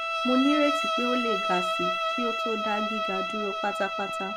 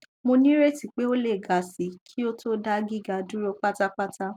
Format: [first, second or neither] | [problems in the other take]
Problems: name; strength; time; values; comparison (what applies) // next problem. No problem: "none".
second | background sound (Bowed string instrument); 1 dB above the speech